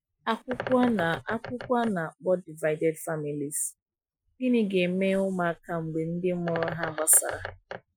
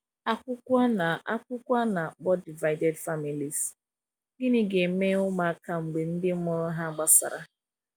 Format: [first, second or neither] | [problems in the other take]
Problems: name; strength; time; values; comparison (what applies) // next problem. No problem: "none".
second | noise reduction (classical method Wiener filter)